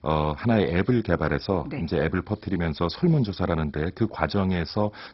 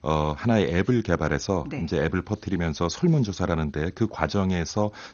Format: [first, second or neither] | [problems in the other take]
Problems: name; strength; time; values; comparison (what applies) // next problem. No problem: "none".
second | garbled, watery; badly; nothing above 5.5 kHz; slightly in the second